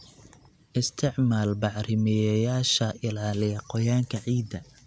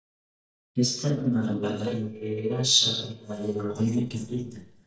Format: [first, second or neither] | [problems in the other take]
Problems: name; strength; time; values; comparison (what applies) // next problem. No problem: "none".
first | noise reduction (neural mask model DeepFilterNet 3)